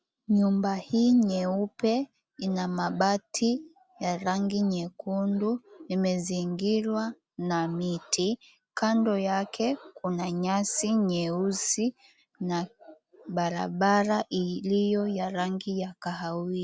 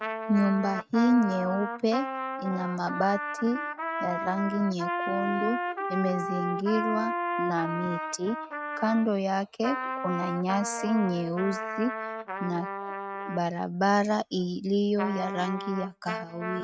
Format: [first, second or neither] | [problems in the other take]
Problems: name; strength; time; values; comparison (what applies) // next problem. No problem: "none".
first | noise reduction (neural mask model RNNoise)